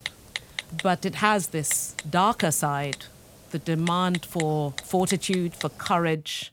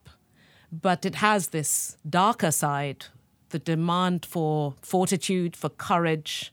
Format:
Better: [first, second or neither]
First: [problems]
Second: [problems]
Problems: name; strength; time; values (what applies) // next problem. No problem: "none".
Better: second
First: keyboard typing; noticeable; until 6 s; peak 8 dB below the speech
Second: none